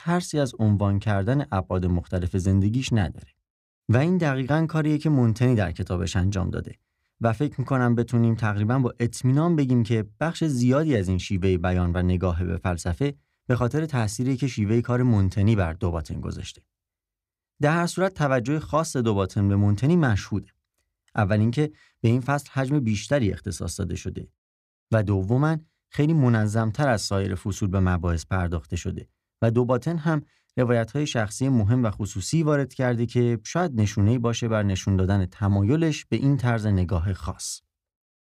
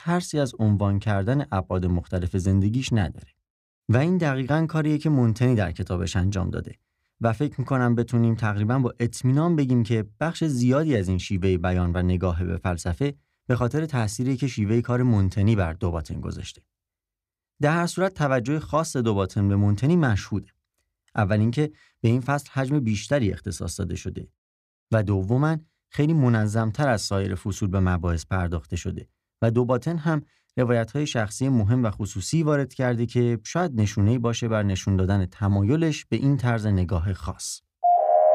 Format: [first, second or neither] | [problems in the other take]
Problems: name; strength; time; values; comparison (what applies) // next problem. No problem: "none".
first | phone ringing; loud; at 38 s; peak 6 dB above the speech